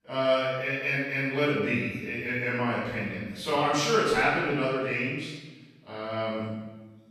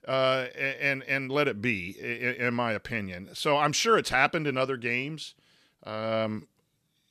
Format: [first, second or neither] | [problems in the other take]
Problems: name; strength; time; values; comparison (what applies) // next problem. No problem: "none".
second | off-mic speech; far // room echo; strong; dies away in 1 s